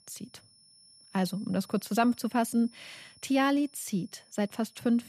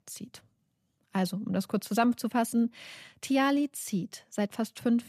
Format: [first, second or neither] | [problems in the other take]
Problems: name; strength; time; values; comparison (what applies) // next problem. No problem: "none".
second | high-pitched whine; faint; throughout; 5.5 kHz, 25 dB below the speech